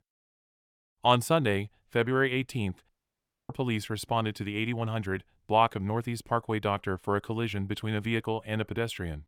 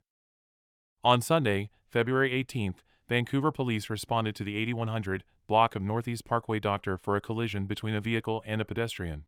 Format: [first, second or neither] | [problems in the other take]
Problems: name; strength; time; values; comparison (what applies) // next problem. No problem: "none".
second | audio cutting out; at 3 s for 0.5 s